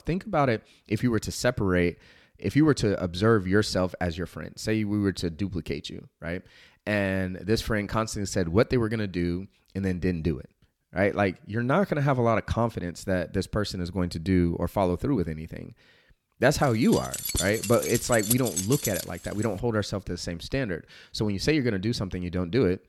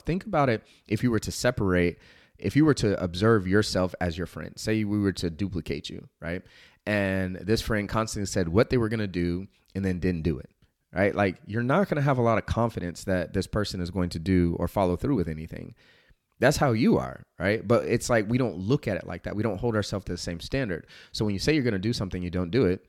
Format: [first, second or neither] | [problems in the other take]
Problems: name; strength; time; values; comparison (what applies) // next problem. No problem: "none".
second | jangling keys; noticeable; from 17 to 19 s; peak level with the speech